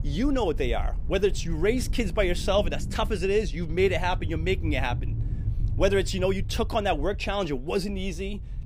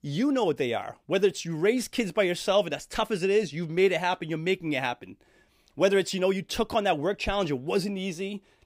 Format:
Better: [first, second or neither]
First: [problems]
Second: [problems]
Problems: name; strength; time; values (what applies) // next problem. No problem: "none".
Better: second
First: low rumble; faint; throughout; 20 dB below the speech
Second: none